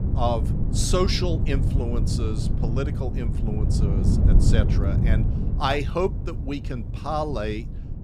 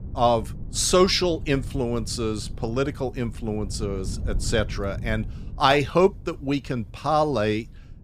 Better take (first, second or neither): second